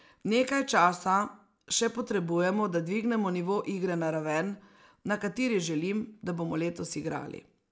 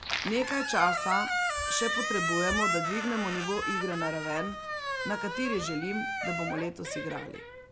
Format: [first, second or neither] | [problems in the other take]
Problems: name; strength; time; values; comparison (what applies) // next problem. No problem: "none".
first | background sound (Squeak); as loud as the speech